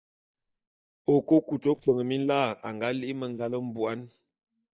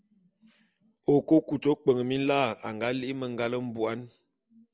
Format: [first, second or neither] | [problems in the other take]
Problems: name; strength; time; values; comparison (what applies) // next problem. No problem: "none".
second | noise reduction (neural mask model DeepFilterNet 3)